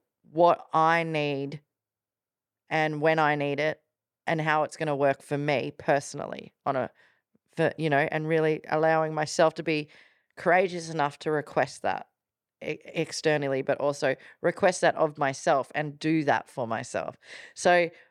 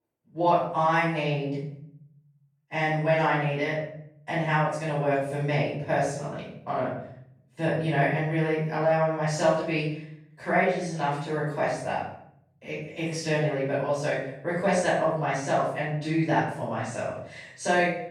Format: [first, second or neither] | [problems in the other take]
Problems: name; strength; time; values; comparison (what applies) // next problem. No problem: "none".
first | off-mic speech; far // room echo; noticeable; dies away in 0.7 s